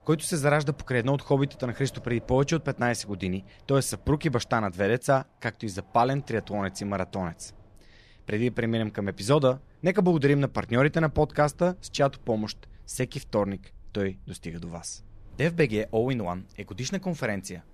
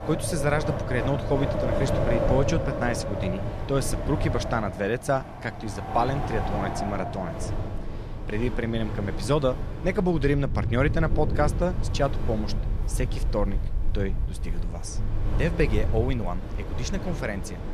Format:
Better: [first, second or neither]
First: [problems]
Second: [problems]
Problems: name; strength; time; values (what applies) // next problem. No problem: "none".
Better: first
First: wind in the background; faint; throughout; 25 dB below the speech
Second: wind in the background; loud; throughout; 2 dB below the speech